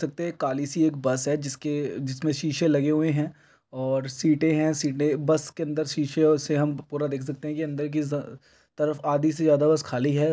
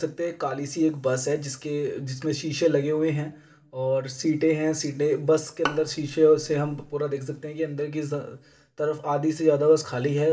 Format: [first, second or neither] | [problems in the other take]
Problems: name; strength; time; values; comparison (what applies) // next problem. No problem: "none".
first | background sound (Bowed string instrument); 11 dB below the speech // room echo; dies away in 0.4 s